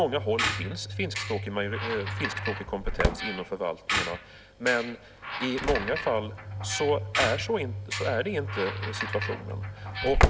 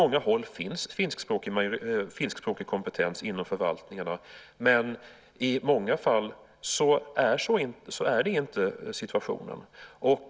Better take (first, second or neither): second